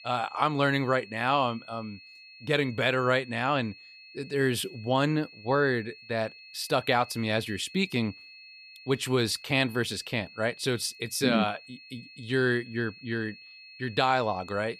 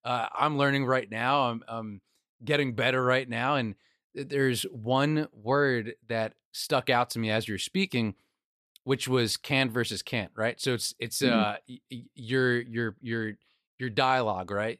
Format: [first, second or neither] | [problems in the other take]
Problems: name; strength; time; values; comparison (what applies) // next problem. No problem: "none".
second | high-pitched whine; noticeable; throughout; 2.5 kHz, 20 dB below the speech